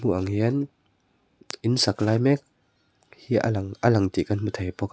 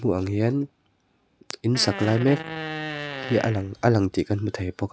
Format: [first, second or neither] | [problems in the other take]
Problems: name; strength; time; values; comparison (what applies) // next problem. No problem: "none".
first | background sound (Fart); 9 dB below the speech